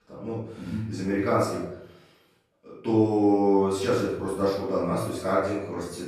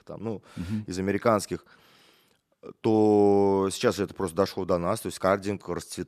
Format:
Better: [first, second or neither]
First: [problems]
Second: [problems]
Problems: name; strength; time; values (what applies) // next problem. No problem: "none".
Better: second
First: off-mic speech; far // room echo; strong; dies away in 0.6 s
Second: none